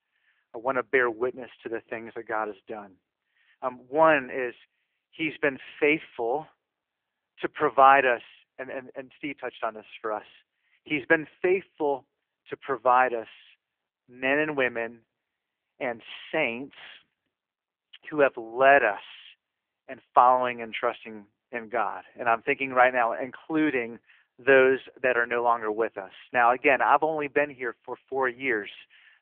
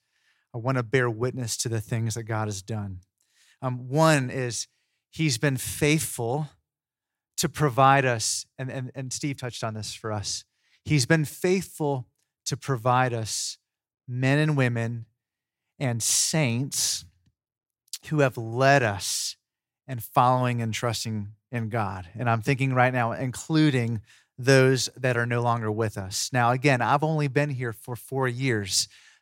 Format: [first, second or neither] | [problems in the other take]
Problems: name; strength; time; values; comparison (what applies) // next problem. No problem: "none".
second | phone-call audio; poor line